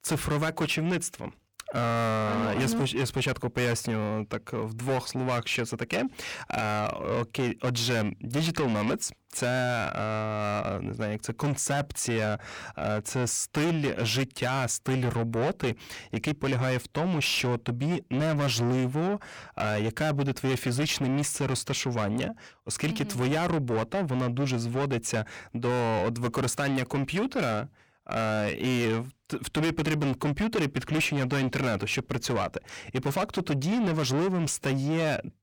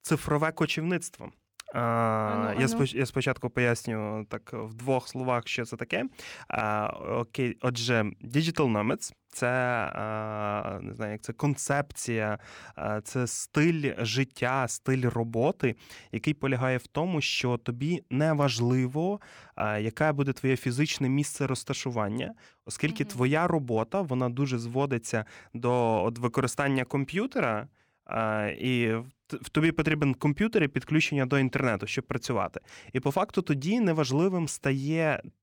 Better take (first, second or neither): second